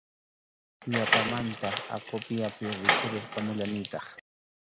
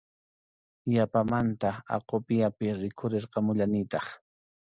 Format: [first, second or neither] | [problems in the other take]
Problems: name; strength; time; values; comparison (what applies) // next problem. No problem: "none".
second | background sound (Door); 2 dB above the speech